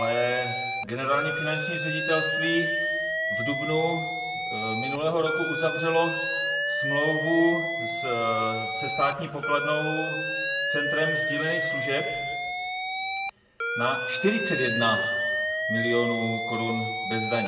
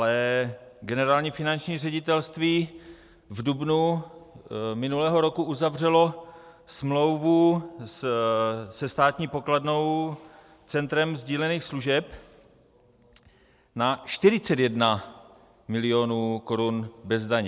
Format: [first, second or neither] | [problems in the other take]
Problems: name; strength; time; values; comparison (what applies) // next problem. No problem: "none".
second | background sound (Alarm); as loud as the speech // room echo; dies away in 1.3 s